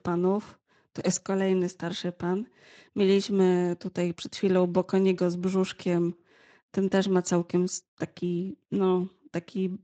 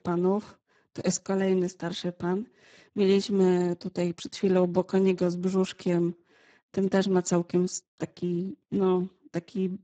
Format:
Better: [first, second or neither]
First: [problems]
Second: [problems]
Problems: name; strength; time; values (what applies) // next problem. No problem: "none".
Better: first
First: garbled, watery; slightly; nothing above 7.5 kHz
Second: garbled, watery; badly; nothing above 7.5 kHz